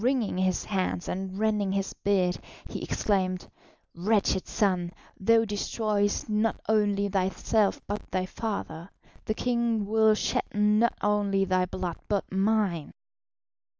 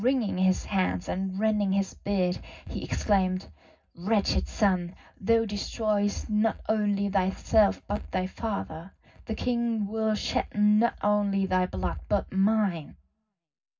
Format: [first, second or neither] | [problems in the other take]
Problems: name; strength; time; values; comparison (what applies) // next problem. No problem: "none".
first | room echo; dies away in 0.4 s